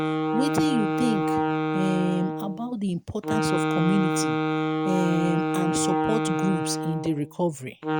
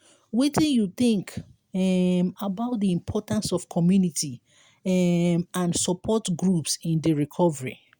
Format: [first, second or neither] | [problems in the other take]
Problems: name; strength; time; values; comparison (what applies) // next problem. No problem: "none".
second | background sound (Wind instrument, woodwind instrument); 2 dB above the speech